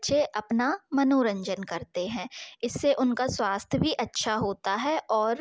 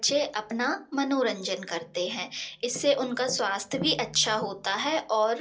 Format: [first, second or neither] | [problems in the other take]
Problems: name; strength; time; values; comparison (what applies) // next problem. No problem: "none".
first | room echo; dies away in 0.2 s